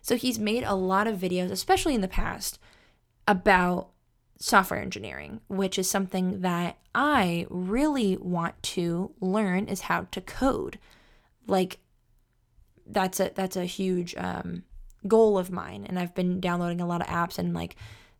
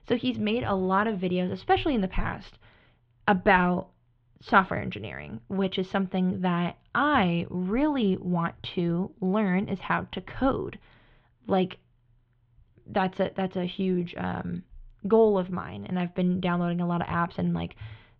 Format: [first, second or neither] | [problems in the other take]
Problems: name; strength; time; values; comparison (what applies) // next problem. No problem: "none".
first | muffled; very; fading above 3.5 kHz